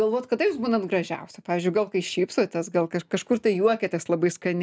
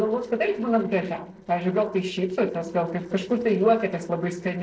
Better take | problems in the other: first | noise reduction (neural separator model SepFormer DNS4)

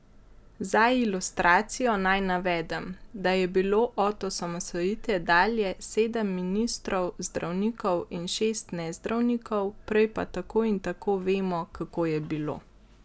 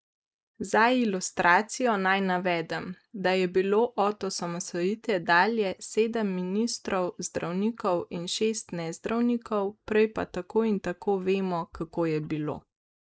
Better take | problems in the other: first | noise reduction (neural mask model Resemble Enhance denoiser)

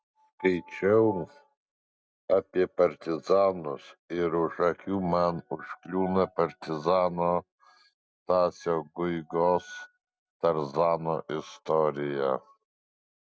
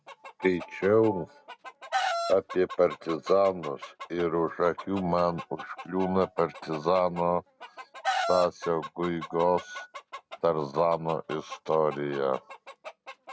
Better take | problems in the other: first | background sound (Chicken, rooster); 10 dB below the speech

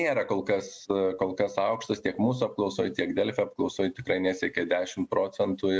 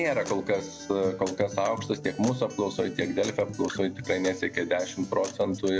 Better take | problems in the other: first | background sound (Acoustic guitar); 12 dB below the speech

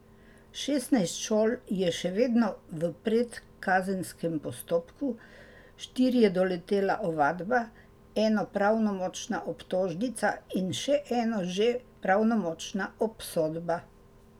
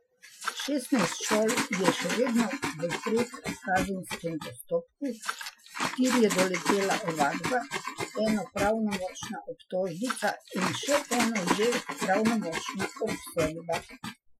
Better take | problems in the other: first | noise reduction (classical method Wiener filter)

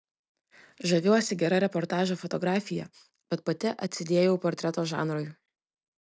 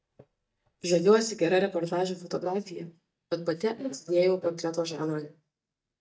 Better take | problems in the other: first | noise reduction (neural mask model DeepFilterNet 3)

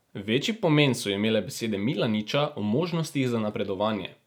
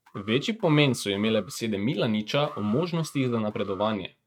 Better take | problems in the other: first | noise reduction (neural mask model RNNoise)

